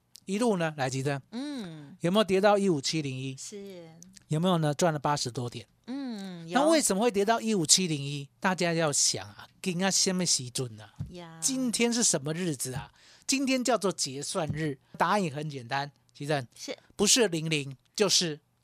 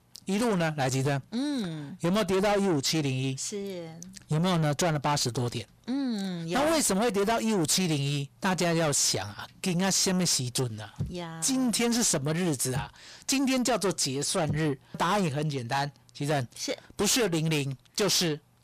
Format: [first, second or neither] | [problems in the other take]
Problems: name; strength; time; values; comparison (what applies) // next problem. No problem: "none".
first | distortion; heavy; 6 dB below the speech